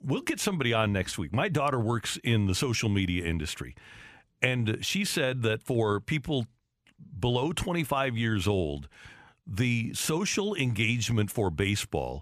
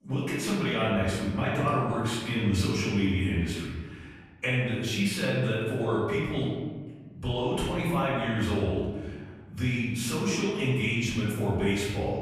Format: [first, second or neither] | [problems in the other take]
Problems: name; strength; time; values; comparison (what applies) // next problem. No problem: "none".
first | off-mic speech; far // room echo; noticeable; dies away in 1.3 s